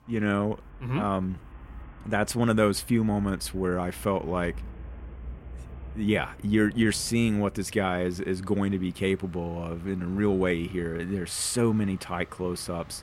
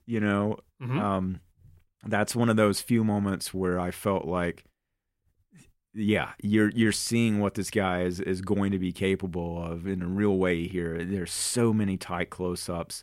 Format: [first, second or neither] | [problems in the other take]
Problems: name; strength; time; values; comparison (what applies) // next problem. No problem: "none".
second | traffic noise; noticeable; throughout; 20 dB below the speech